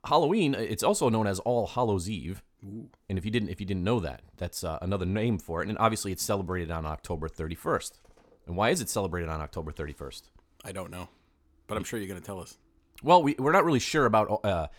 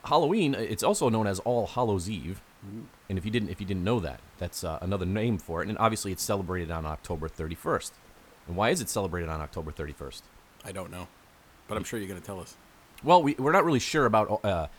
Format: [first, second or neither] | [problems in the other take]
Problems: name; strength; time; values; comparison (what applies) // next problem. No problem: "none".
first | hiss; faint; throughout; 30 dB below the speech